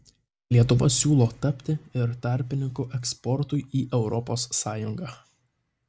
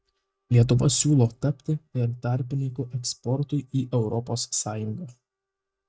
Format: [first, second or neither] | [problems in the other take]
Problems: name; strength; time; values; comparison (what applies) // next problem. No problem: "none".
first | noise reduction (neural mask model DeepFilterNet 3)